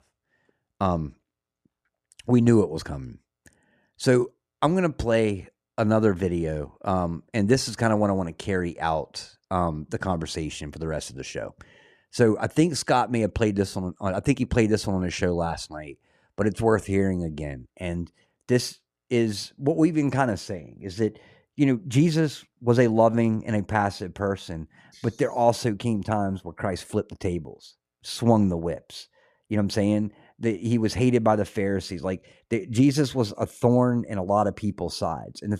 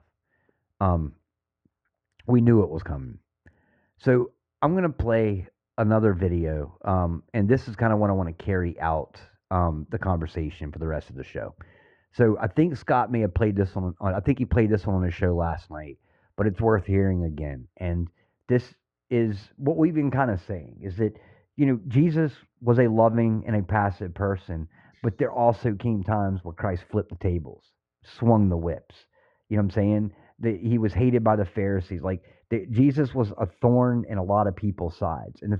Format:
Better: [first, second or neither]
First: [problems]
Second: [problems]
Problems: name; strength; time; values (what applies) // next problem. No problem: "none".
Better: first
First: none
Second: muffled; very; fading above 1.5 kHz